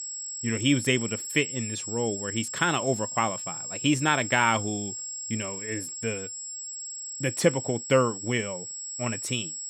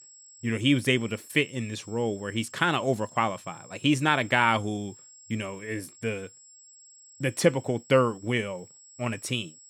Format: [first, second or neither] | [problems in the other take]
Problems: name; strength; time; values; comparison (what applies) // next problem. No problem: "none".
second | high-pitched whine; loud; throughout; 7.5 kHz, 6 dB below the speech; faint in the second